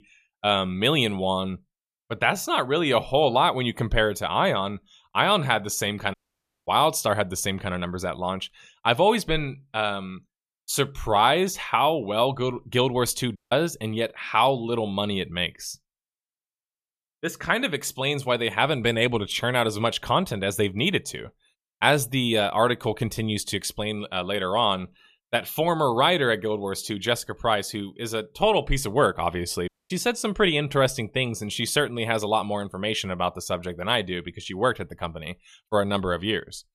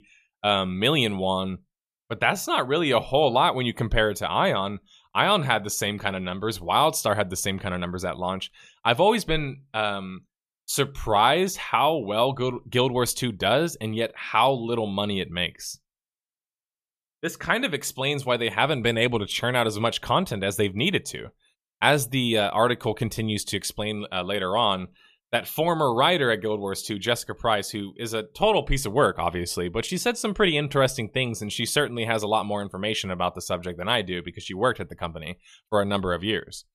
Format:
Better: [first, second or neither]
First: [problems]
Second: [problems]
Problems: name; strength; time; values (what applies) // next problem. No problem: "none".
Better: second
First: audio cutting out; at 6 s for 0.5 s, at 13 s and at 30 s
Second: none